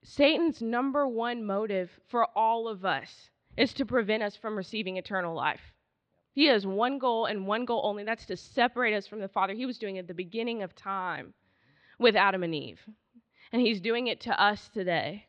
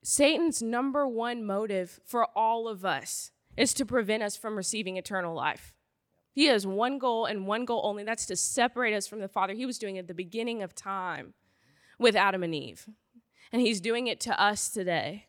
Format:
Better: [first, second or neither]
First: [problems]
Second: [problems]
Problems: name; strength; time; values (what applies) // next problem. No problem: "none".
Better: second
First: muffled; very slightly; fading above 4 kHz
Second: none